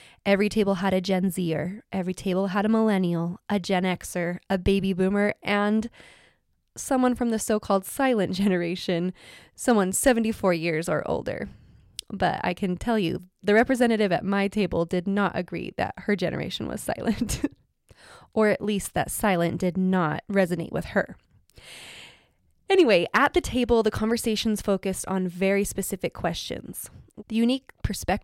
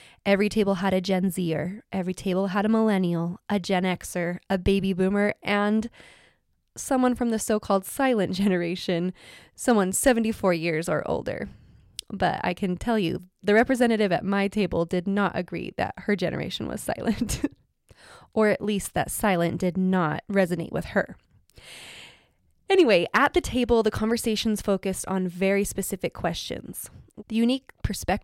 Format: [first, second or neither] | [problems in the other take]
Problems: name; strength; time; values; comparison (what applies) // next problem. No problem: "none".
neither | none